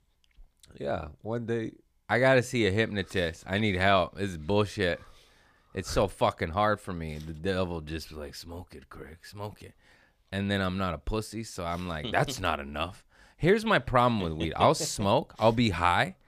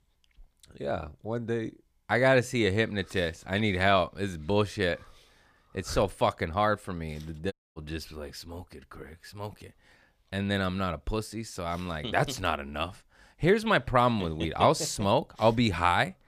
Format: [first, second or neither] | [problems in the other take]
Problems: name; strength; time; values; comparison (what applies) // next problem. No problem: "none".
first | audio cutting out; at 7.5 s